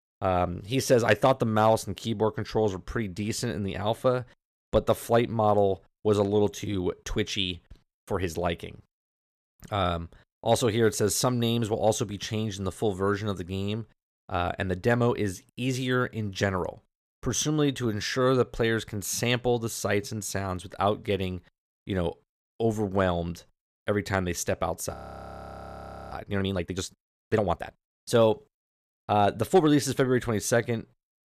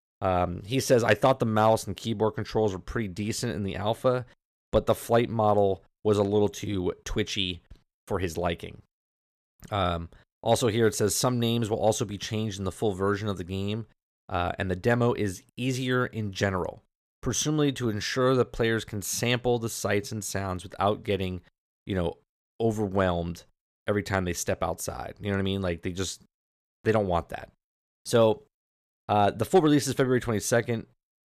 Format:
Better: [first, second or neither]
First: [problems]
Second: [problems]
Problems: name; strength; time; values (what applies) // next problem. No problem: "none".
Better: second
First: audio freezing; at 25 s for 1 s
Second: none